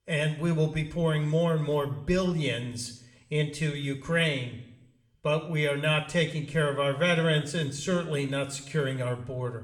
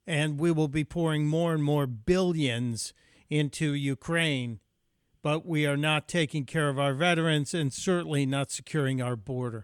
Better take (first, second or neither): second